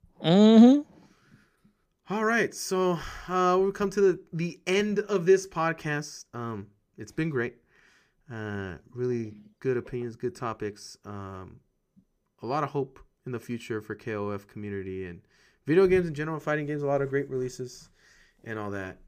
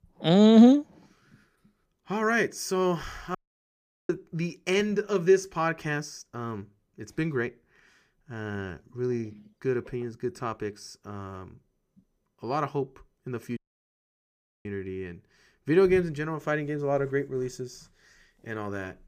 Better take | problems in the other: first | audio cutting out; at 3.5 s for 0.5 s and at 14 s for 1 s

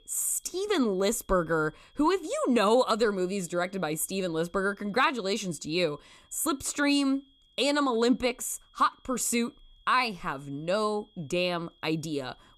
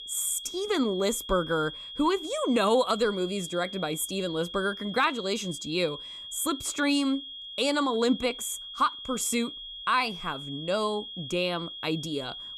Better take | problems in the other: first | high-pitched whine; loud; throughout; 3.5 kHz, 10 dB below the speech; faint in the first

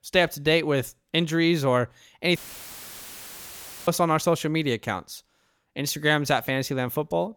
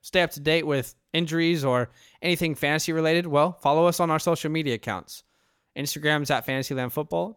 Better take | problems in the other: second | audio cutting out; filled with static; at 2.5 s for 1.5 s

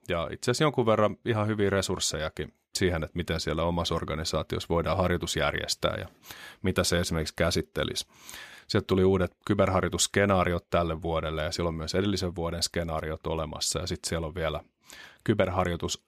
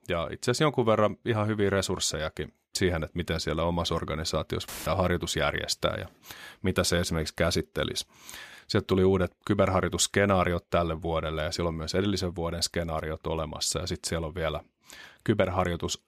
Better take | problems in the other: first | audio cutting out; filled with static; at 4.5 s

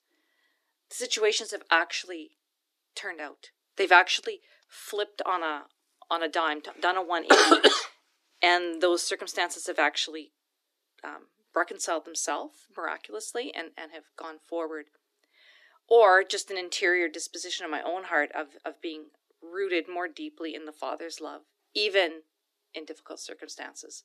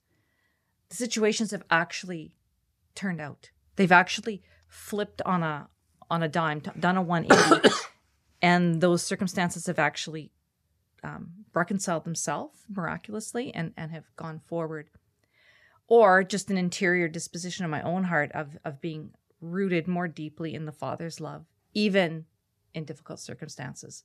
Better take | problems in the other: second | thin; very; fading below 300 Hz

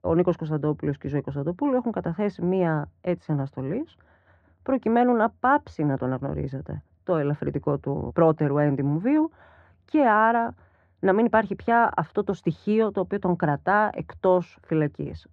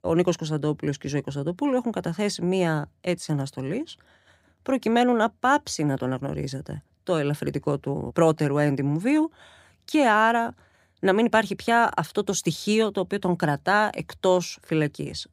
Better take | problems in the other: second | muffled; very; fading above 1.5 kHz

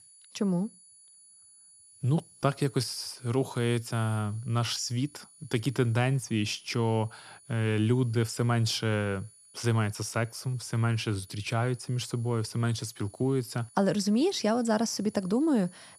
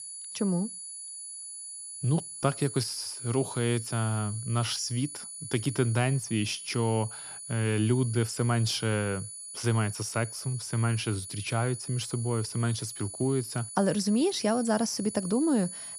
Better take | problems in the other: first | high-pitched whine; loud; throughout; 10 kHz, 9 dB below the speech; faint in the first

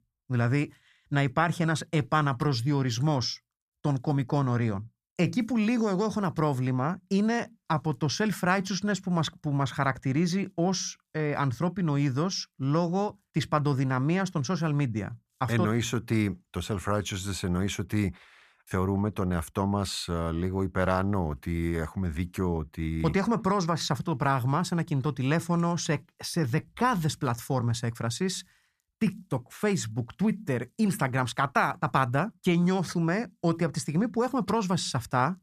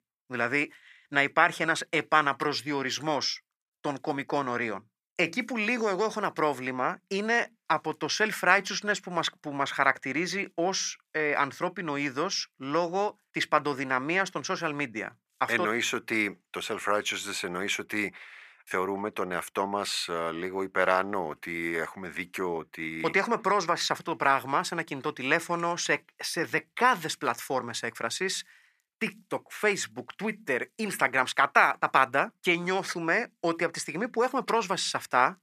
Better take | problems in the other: first | thin; somewhat; fading below 400 Hz

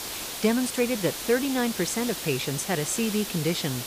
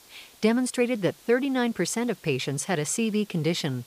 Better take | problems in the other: second | hiss; loud; throughout; 6 dB below the speech; faint in the second

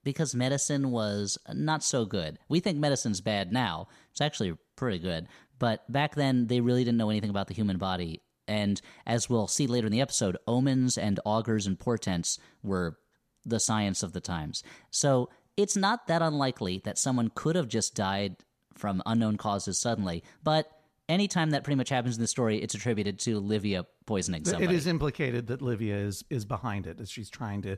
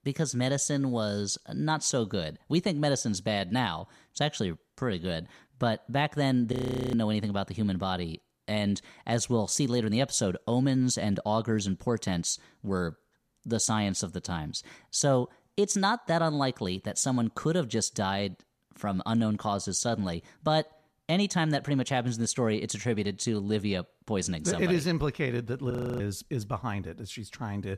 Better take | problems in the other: first | audio freezing; at 6.5 s and at 26 s

